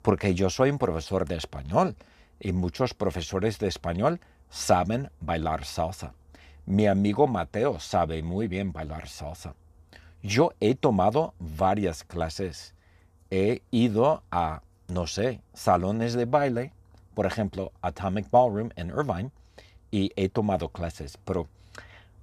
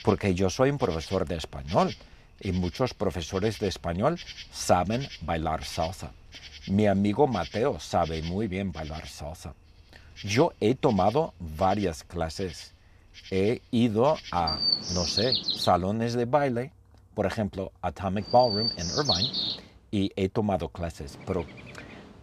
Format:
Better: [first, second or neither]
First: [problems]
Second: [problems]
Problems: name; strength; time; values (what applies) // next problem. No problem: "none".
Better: first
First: none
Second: animal sounds; loud; throughout; 4 dB below the speech